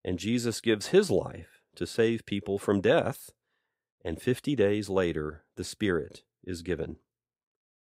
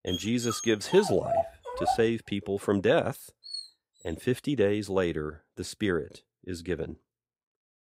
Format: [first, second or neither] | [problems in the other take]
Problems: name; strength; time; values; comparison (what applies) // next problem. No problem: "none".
first | dog barking; noticeable; until 3.5 s; peak 1 dB below the speech